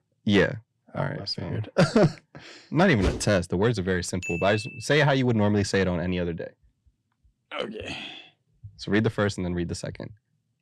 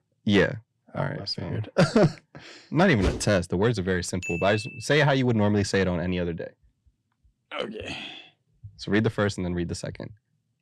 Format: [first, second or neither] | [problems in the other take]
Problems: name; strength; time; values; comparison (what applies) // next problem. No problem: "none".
neither | distortion; slight; 10 dB below the speech; the same in both